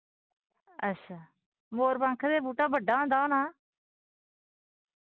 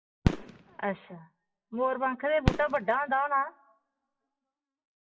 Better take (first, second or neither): first